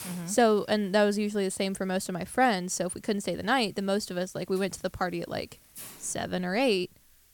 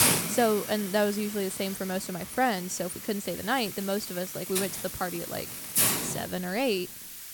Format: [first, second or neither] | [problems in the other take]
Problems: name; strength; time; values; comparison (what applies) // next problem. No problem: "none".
first | hiss; loud; throughout; 2 dB below the speech; faint in the first